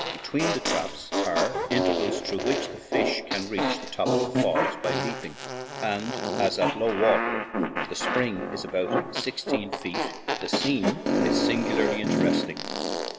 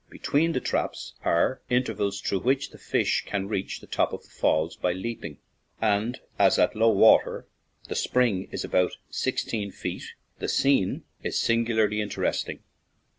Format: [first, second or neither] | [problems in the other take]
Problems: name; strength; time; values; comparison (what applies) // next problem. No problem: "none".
second | background sound (Fart); 2 dB above the speech